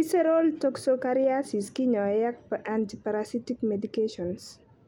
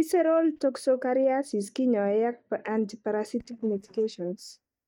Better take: first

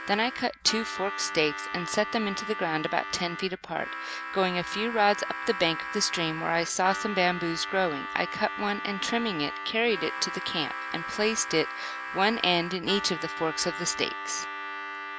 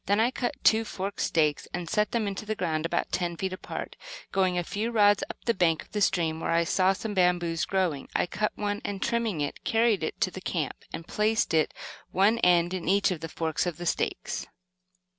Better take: second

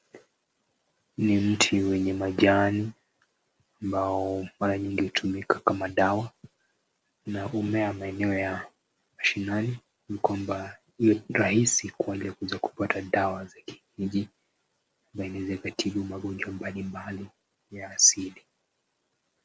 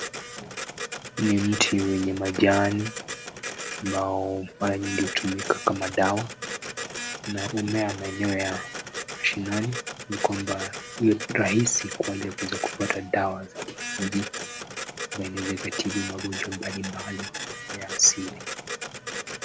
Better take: first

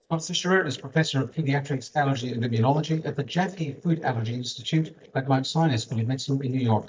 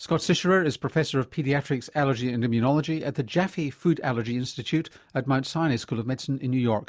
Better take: second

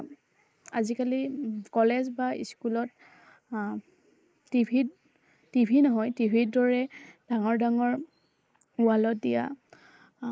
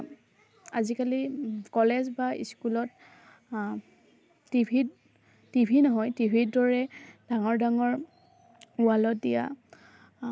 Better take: second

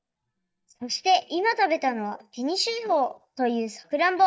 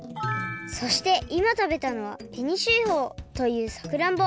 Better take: second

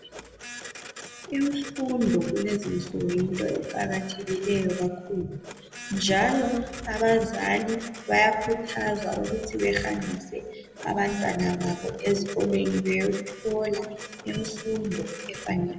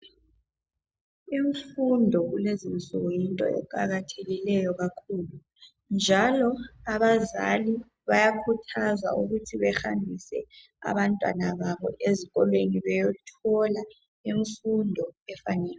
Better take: second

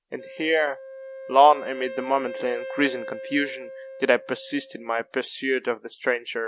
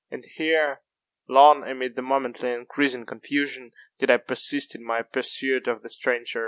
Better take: second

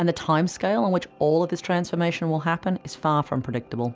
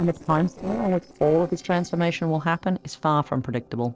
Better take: first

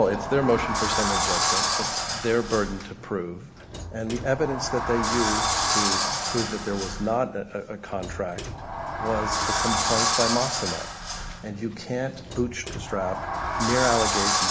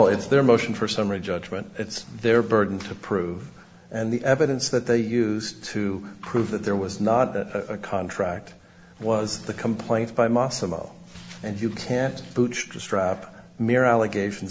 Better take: second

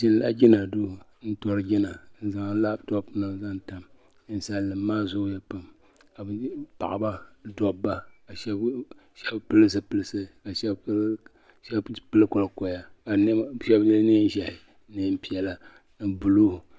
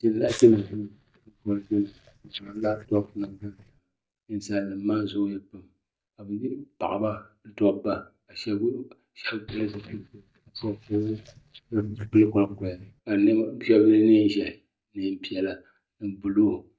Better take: first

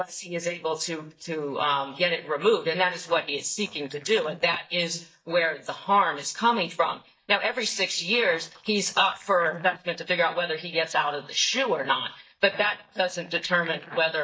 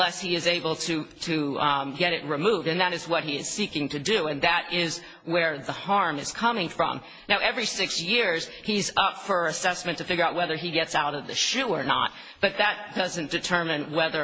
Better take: second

